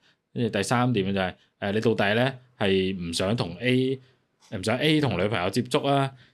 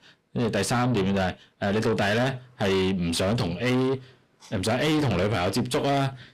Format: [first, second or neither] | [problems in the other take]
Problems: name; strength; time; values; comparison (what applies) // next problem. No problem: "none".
first | distortion; heavy; 7 dB below the speech